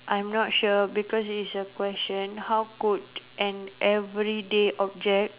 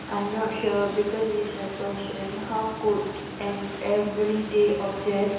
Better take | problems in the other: first | background sound (Boat, Water vehicle); 10 dB below the speech // room echo; dies away in 1 s

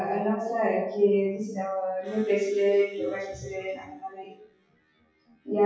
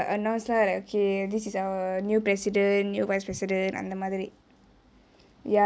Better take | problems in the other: second | noise reduction (classical method WPE with log-MMSE)

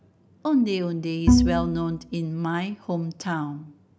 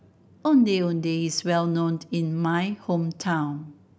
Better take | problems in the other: second | background sound (Bowed string instrument); 4 dB above the speech

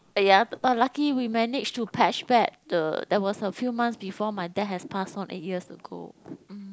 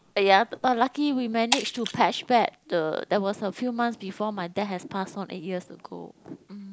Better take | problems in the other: first | background sound (Shatter); 9 dB below the speech

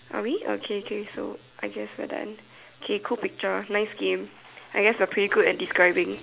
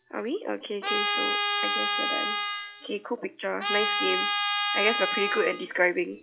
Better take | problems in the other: first | noise reduction (classical method log-MMSE)

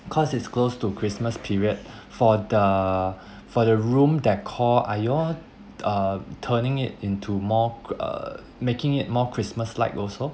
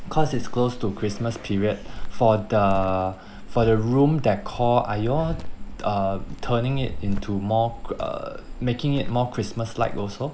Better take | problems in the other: first | background sound (Cricket); 6 dB below the speech

